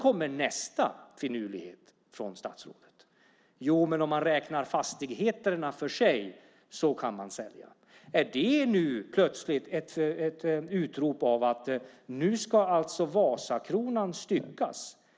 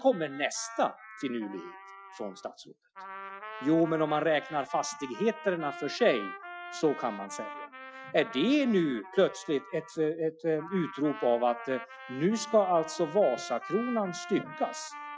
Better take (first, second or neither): first